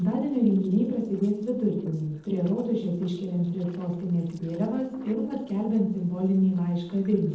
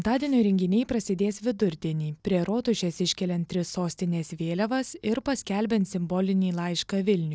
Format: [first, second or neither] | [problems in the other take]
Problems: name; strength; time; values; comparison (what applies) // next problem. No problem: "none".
second | noise reduction (neural separator model SepFormer DNS4)